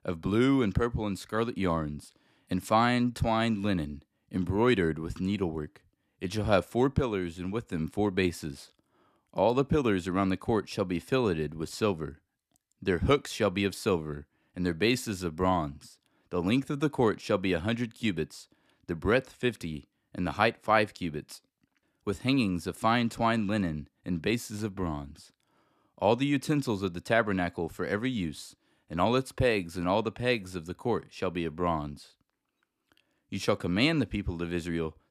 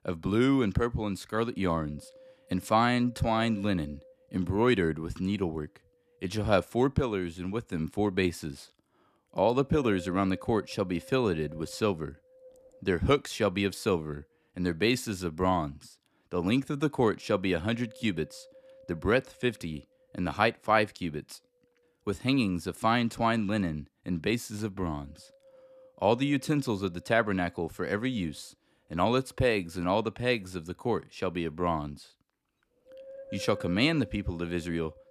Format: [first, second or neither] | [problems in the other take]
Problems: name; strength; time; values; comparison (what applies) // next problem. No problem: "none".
first | wind noise on the microphone; occasional gusts; 20 dB below the speech